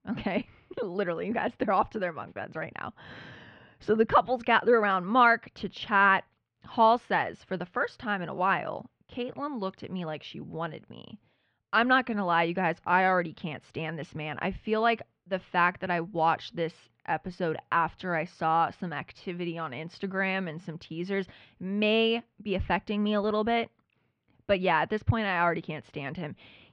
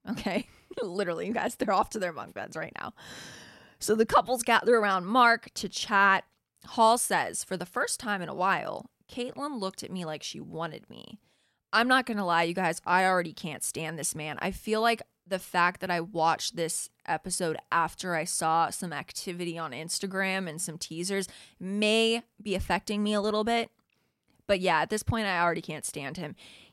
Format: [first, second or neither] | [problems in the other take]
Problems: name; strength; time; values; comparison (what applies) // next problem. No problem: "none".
second | muffled; very; fading above 3 kHz